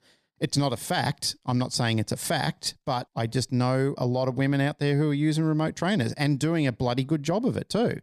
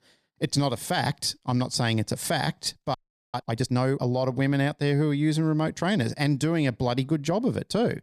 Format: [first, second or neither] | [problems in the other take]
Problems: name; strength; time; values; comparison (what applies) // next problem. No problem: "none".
first | audio freezing; at 3 s